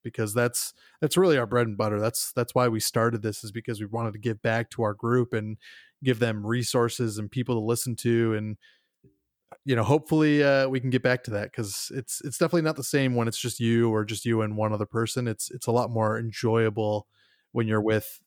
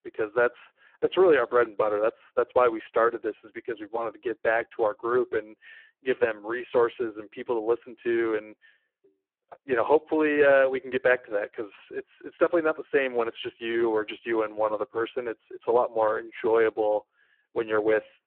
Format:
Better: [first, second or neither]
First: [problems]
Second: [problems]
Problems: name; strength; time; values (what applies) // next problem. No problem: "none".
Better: first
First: none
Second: phone-call audio; poor line